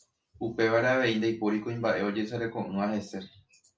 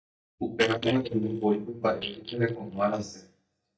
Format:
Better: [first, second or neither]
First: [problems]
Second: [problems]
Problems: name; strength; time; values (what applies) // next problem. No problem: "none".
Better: first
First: none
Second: noise reduction (neural mask model DeepFilterNet 3)